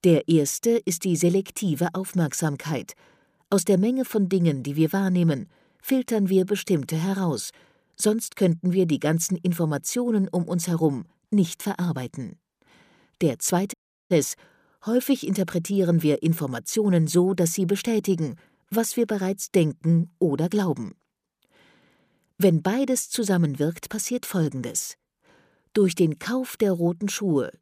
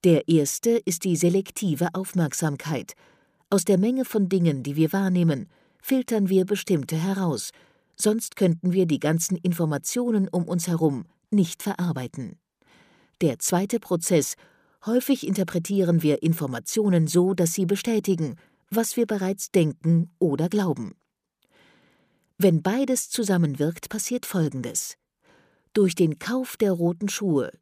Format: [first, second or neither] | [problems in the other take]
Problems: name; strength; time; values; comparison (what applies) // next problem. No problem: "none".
second | audio cutting out; at 14 s